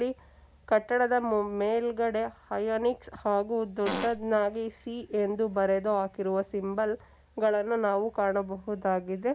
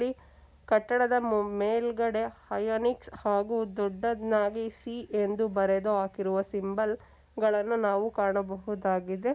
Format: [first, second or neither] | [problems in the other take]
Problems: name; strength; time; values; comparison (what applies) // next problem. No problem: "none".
second | background sound (Fart); 6 dB below the speech